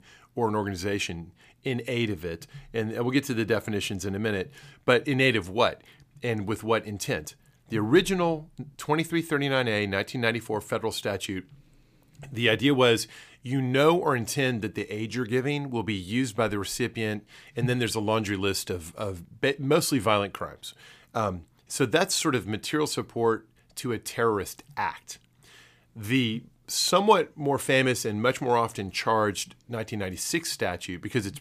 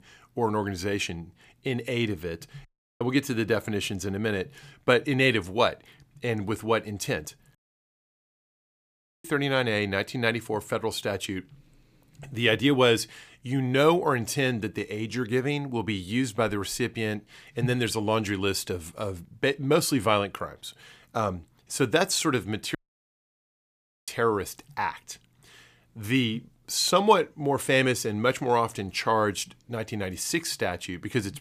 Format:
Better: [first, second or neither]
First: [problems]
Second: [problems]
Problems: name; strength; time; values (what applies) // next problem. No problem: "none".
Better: first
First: none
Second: audio cutting out; at 2.5 s, at 7.5 s for 1.5 s and at 23 s for 1.5 s